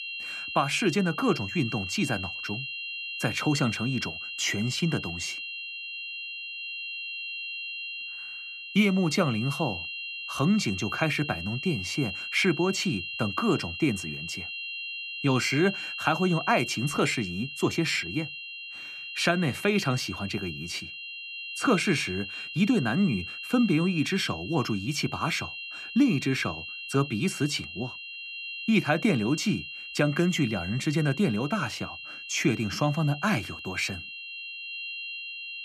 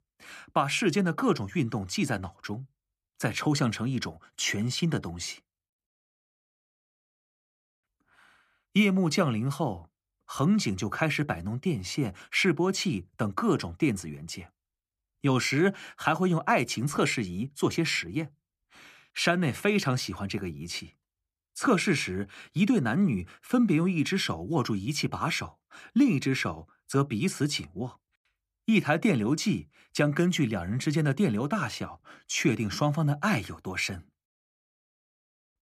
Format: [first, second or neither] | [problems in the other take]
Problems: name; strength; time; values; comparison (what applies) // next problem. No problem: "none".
second | high-pitched whine; loud; throughout; 3 kHz, 7 dB below the speech